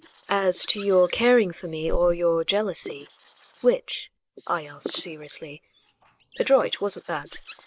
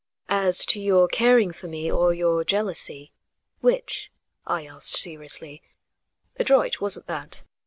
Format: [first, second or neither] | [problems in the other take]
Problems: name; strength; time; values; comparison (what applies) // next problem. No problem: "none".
second | noise reduction (neural mask model Resemble Enhance denoiser)